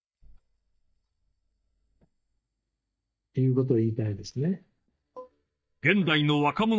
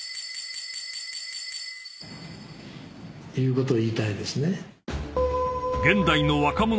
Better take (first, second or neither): second